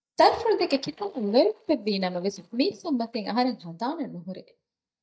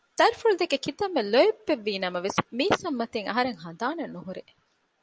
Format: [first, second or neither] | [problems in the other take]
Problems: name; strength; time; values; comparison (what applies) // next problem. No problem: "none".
second | noise reduction (neural mask model DeepFilterNet 3)